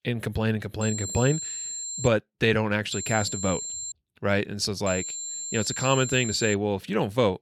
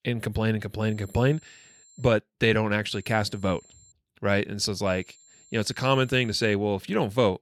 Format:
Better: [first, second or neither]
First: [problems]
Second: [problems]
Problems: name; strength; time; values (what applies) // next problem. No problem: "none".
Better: second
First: high-pitched whine; loud; from 1 to 2 s, from 3 to 4 s and from 5 to 6.5 s; 7.5 kHz, 6 dB below the speech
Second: high-pitched whine; faint; from 1 to 2 s, from 3 to 4 s and from 5 to 6.5 s; 7.5 kHz, 30 dB below the speech